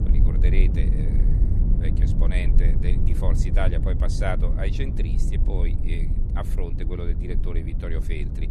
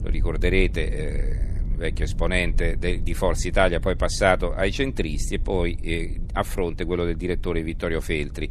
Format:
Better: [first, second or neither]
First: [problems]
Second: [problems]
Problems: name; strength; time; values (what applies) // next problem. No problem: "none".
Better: second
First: low rumble; loud; throughout; 4 dB below the speech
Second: low rumble; faint; throughout; 20 dB below the speech